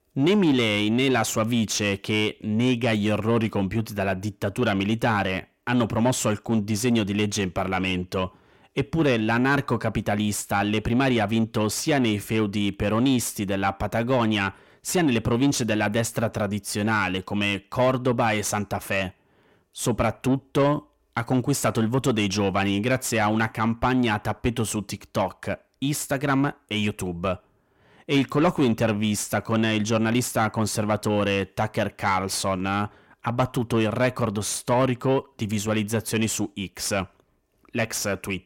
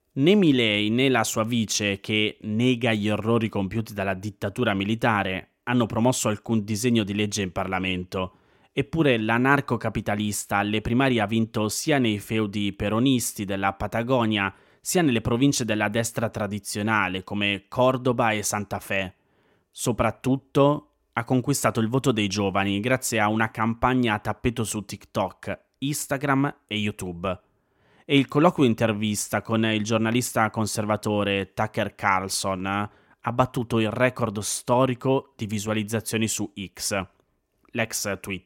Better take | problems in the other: second | distortion; slight; 10 dB below the speech

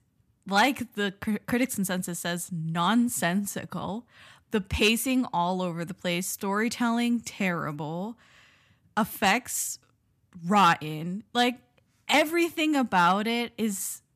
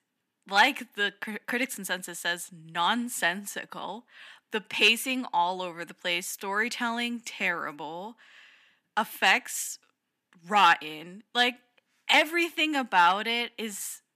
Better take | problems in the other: first | thin; somewhat; fading below 250 Hz

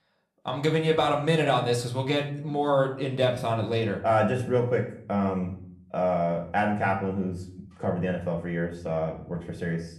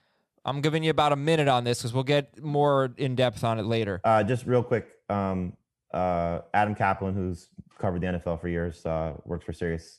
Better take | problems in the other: second | room echo; slight; dies away in 0.4 s // off-mic speech; somewhat distant

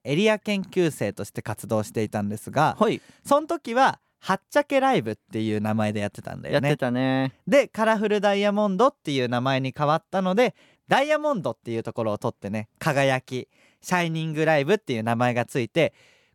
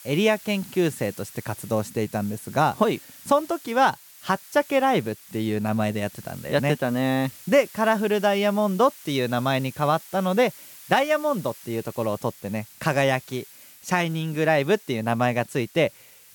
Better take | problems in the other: first | hiss; noticeable; throughout; 20 dB below the speech

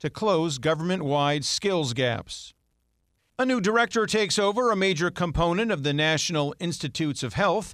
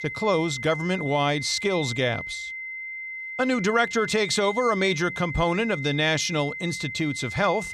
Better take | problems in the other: first | high-pitched whine; loud; throughout; 2 kHz, 8 dB below the speech

